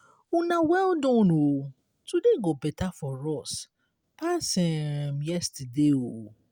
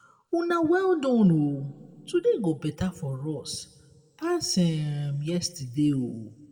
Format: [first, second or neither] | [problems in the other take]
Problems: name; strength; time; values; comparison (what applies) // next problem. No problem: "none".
first | room echo; dies away in 1 s